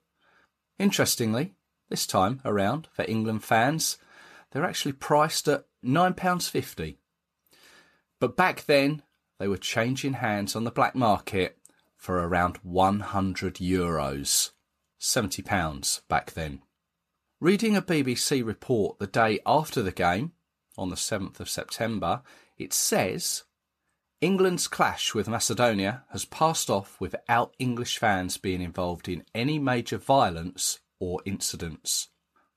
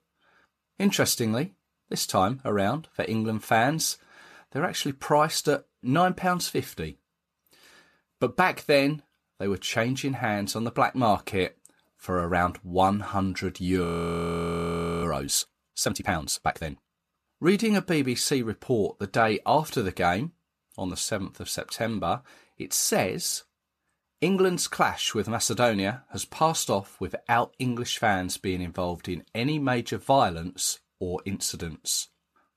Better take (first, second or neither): first